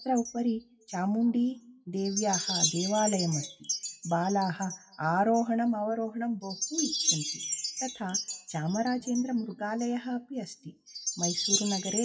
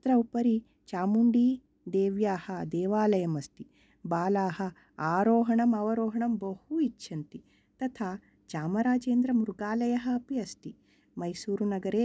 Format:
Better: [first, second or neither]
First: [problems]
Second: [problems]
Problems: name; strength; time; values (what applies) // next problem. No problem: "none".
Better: second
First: noise reduction (classical method WPE with log-MMSE)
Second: none